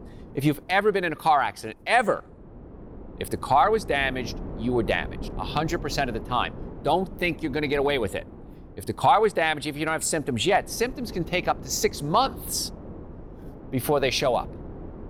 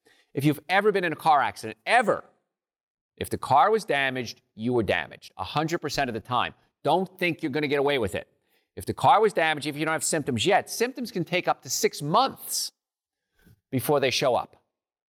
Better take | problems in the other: second | wind noise on the microphone; occasional gusts; 20 dB below the speech

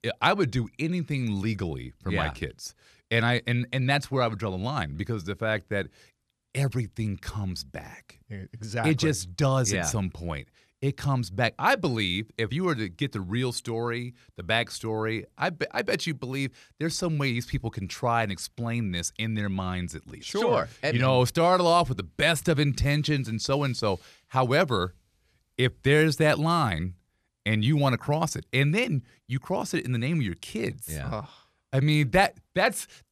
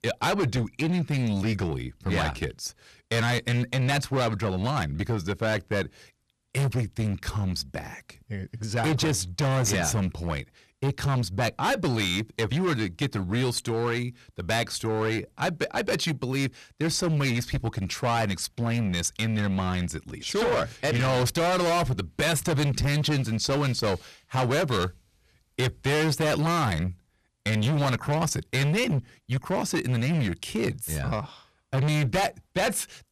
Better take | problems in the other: first | distortion; heavy; 18% of the sound clipped

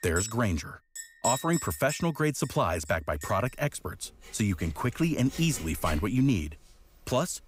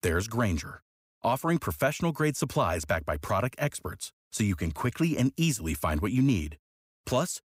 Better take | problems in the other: second | household noises; loud; throughout; 9 dB below the speech

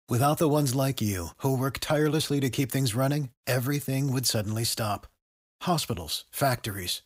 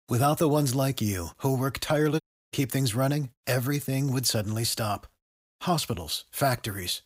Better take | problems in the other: first | audio cutting out; at 2 s

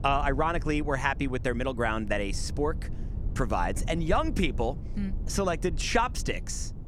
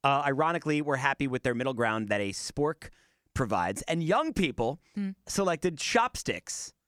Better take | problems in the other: second | low rumble; faint; throughout; 20 dB below the speech

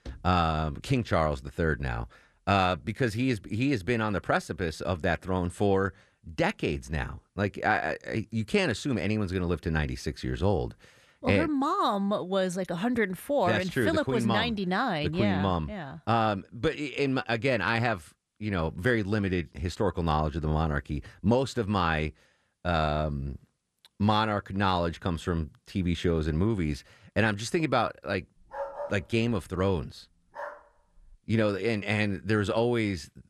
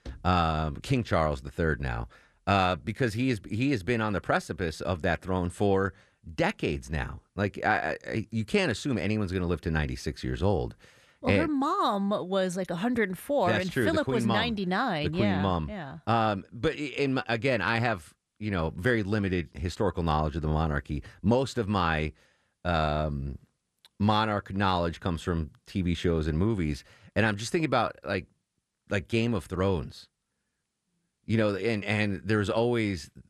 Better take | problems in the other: second | dog barking; noticeable; from 29 to 31 s; peak 8 dB below the speech

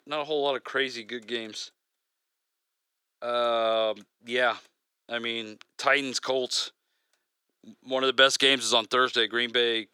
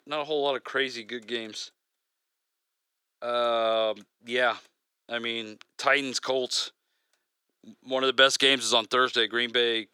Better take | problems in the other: neither | thin; very; fading below 350 Hz; the same in both

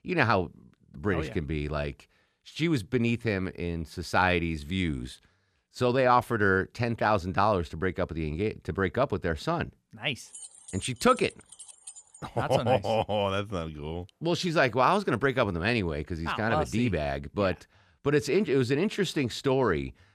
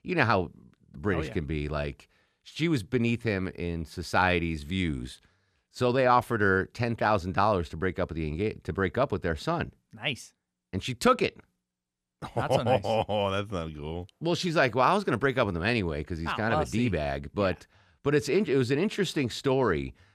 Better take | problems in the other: second | jangling keys; faint; from 10 to 12 s; peak 15 dB below the speech

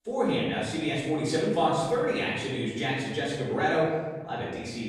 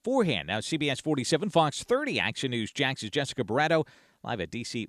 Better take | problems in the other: second | off-mic speech; far // room echo; noticeable; dies away in 1.3 s

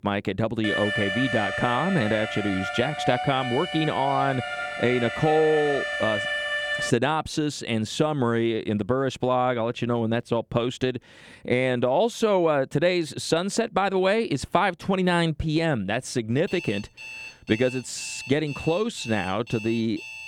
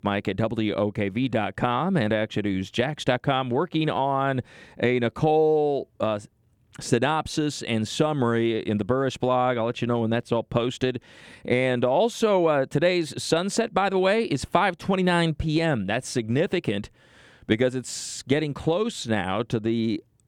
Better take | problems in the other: second | alarm; noticeable; from 0.5 to 7 s; peak 1 dB below the speech // alarm; faint; from 16 s on; peak 10 dB below the speech

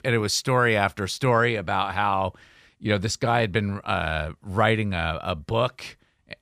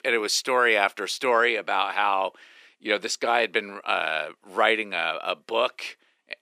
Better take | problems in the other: first | thin; very; fading below 300 Hz

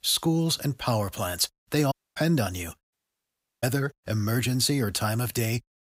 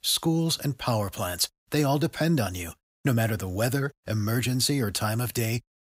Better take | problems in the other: second | audio cutting out; at 2 s and at 3 s for 0.5 s

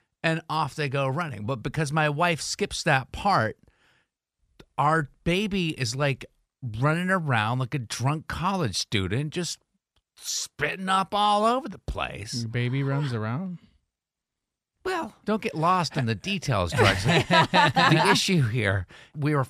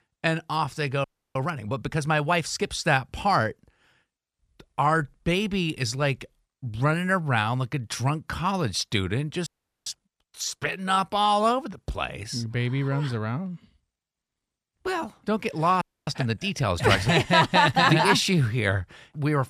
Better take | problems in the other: first | audio freezing; at 1 s, at 9.5 s and at 16 s

